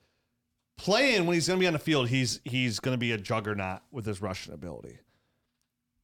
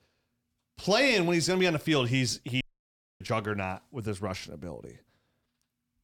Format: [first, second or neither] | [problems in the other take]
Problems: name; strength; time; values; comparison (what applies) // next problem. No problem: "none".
first | audio cutting out; at 2.5 s for 0.5 s